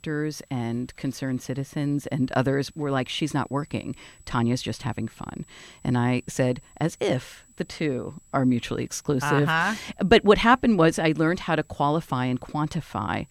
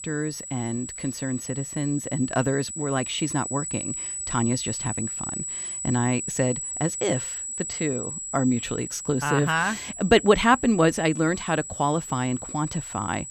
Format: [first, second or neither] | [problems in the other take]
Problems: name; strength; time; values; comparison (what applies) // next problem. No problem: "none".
first | high-pitched whine; loud; throughout; 8 kHz, 6 dB below the speech; faint in the first